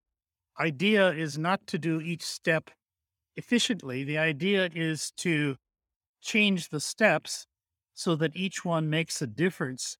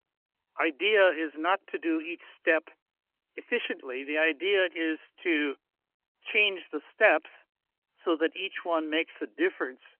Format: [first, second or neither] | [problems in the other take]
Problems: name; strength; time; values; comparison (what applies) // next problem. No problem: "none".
first | phone-call audio; nothing above 3 kHz